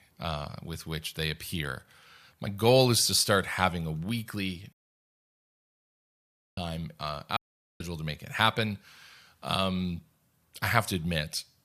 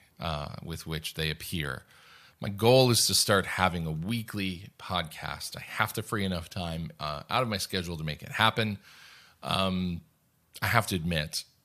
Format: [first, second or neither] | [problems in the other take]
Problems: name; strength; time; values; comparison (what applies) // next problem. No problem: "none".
second | audio cutting out; at 4.5 s for 2 s and at 7.5 s